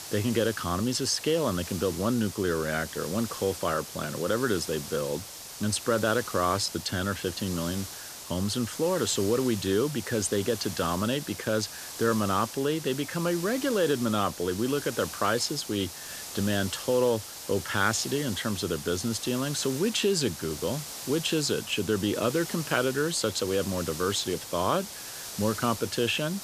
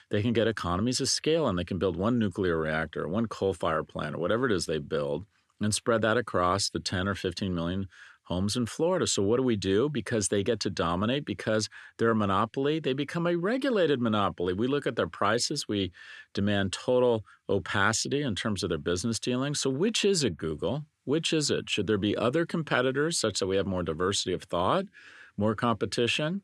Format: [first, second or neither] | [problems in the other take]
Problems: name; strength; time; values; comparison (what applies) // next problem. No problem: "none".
second | hiss; loud; throughout; 9 dB below the speech